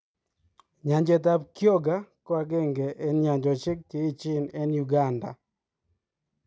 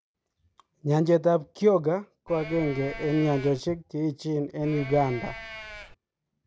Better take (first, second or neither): first